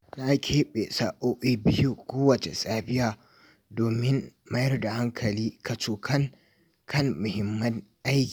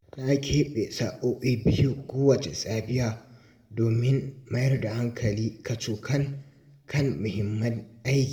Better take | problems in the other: first | room echo; dies away in 0.7 s

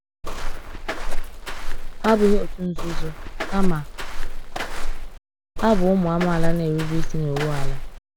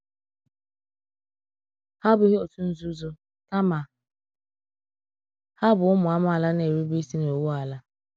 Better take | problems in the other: second | background sound (Walk, footsteps); 3 dB above the speech

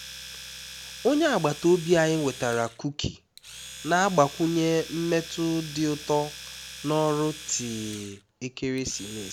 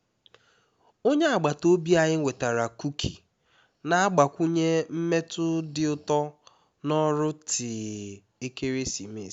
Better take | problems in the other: second | background sound (Domestic sounds, home sounds); 15 dB below the speech

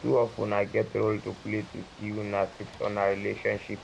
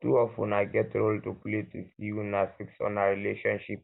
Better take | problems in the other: second | background sound (Ocean / Boat, Water vehicle); 19 dB below the speech

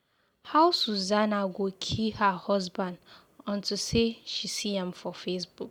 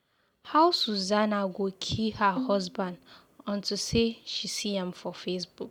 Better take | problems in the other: first | background sound (Bowed string instrument); 11 dB below the speech

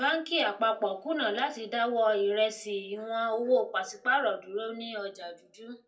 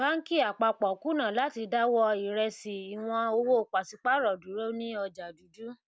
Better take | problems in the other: second | room echo; dies away in 0.2 s

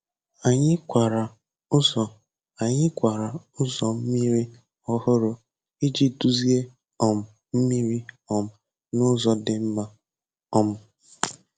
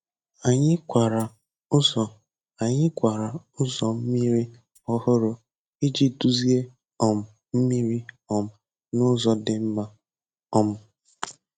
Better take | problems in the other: first | noise reduction (neural mask model RNNoise)

